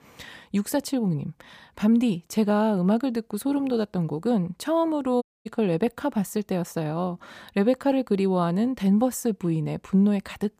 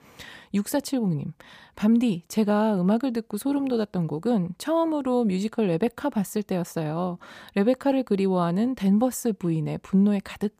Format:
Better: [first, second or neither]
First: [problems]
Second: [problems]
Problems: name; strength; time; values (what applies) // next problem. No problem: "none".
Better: second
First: audio cutting out; at 5 s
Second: none